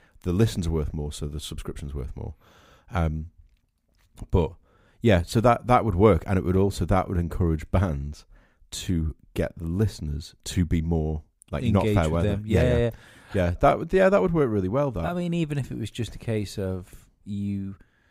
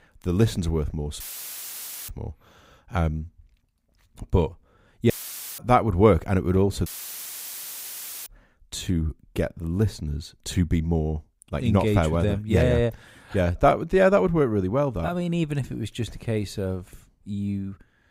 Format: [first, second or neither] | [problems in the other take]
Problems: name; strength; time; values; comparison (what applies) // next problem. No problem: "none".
first | audio cutting out; filled with static; at 1 s for 1 s, at 5 s and at 7 s for 1.5 s